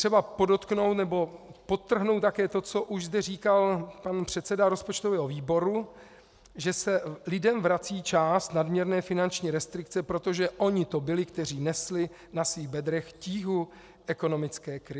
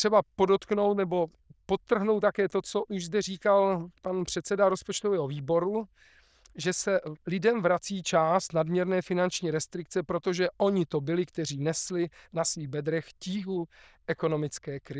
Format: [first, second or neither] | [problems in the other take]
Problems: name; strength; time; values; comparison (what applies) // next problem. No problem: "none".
first | noise reduction (neural diffusion model UNIVERSE++)